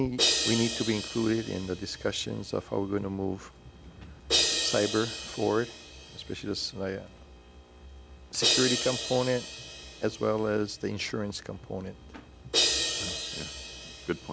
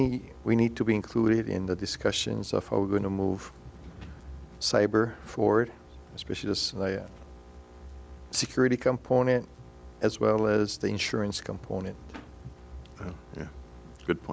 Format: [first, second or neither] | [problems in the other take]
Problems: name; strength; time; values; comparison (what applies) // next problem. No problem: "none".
second | background sound (Crash cymbal); 2 dB below the speech